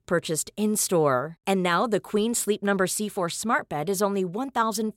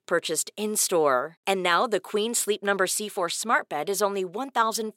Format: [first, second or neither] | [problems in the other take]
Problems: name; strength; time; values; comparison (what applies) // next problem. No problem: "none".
first | thin; somewhat; fading below 350 Hz